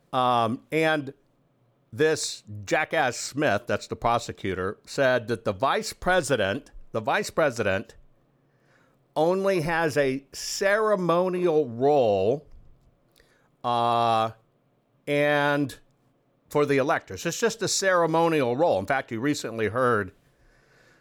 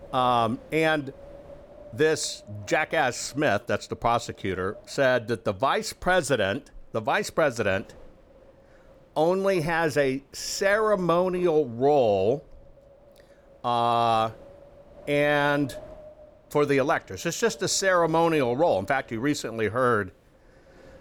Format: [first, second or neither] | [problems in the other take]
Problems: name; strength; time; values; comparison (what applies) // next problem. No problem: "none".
first | wind noise on the microphone; occasional gusts; 25 dB below the speech